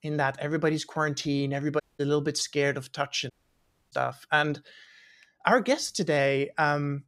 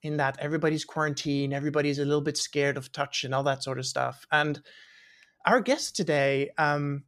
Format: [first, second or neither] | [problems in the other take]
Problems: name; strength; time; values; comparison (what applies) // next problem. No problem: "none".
second | audio cutting out; at 2 s and at 3.5 s for 0.5 s